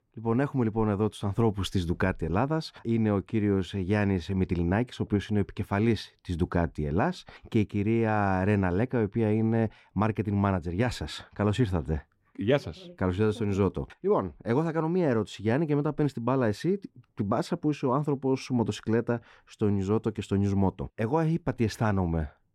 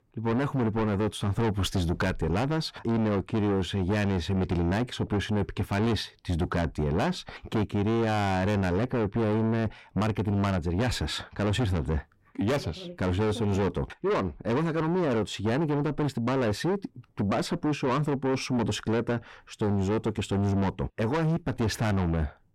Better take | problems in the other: first | distortion; heavy; 6 dB below the speech

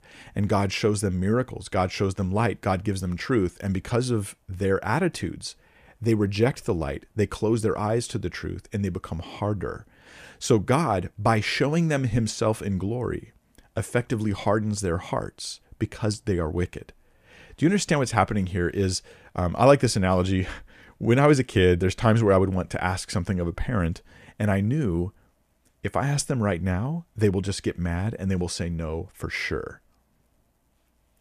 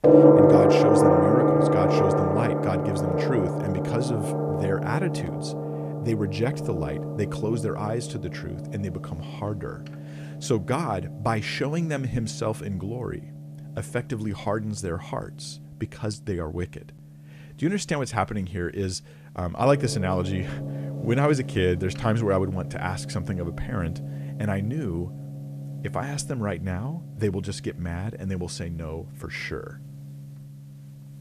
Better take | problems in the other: first | background music; very loud; throughout; 3 dB above the speech

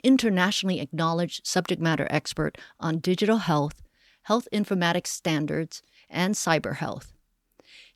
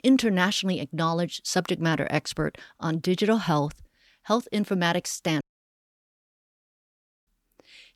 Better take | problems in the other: first | audio cutting out; at 5.5 s for 2 s

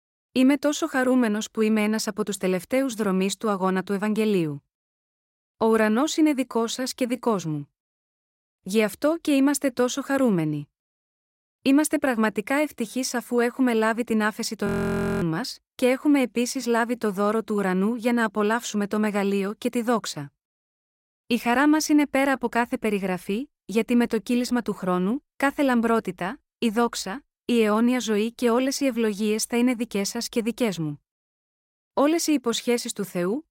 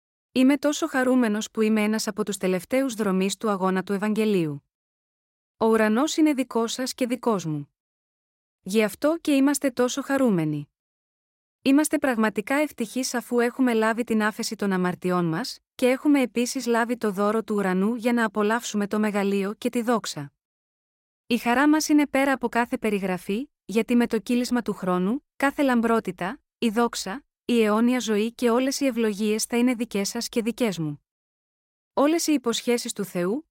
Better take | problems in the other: second | audio freezing; at 15 s for 0.5 s

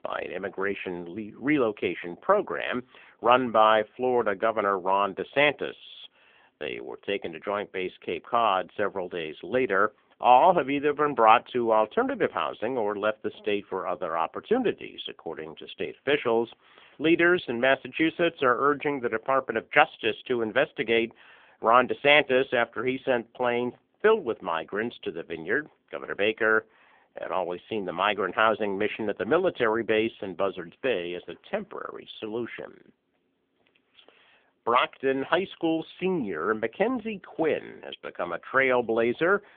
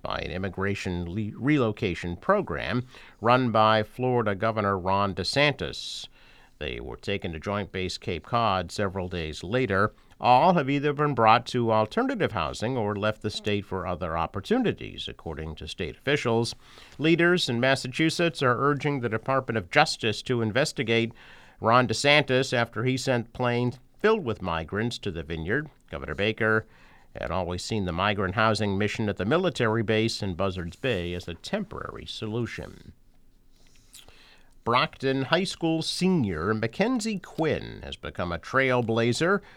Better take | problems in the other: second | phone-call audio; poor line; nothing above 3.5 kHz

